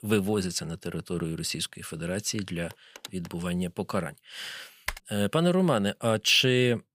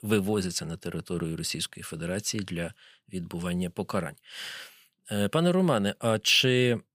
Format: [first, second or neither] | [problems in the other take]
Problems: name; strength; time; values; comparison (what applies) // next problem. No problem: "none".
second | phone ringing; faint; at 2.5 s; peak 15 dB below the speech // keyboard typing; noticeable; at 5 s; peak 9 dB below the speech